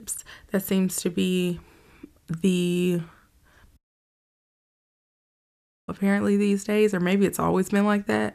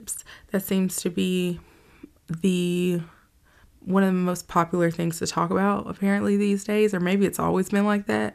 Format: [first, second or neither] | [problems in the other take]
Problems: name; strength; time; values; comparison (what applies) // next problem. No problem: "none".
second | audio cutting out; at 4 s for 2 s